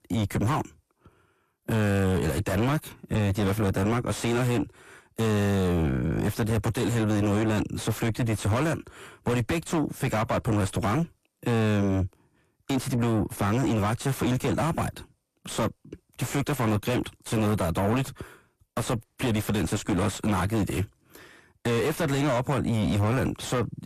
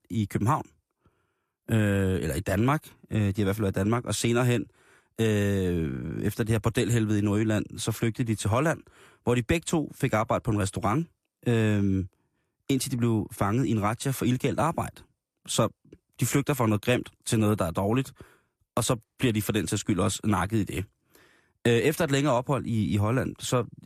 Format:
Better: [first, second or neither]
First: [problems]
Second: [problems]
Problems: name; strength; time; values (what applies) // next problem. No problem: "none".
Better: second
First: distortion; heavy; 6 dB below the speech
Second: none